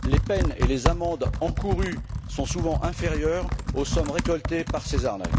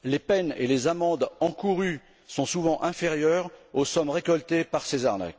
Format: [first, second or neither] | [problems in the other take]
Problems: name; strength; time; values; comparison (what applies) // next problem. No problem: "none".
second | background sound (Computer keyboard); 2 dB above the speech